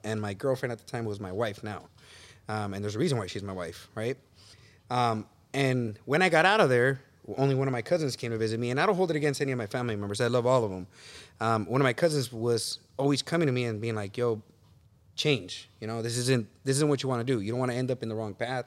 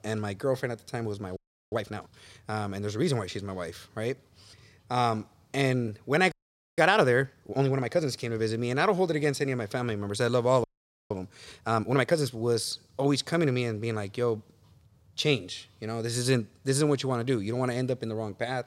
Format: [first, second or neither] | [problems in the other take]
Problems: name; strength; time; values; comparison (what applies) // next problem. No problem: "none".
first | audio freezing; at 1.5 s, at 6.5 s and at 11 s